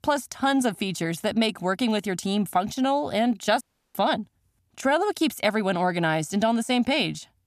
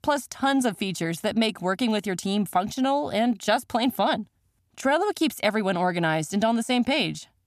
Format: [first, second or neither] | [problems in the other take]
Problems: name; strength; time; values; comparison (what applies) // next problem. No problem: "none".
second | audio cutting out; at 3.5 s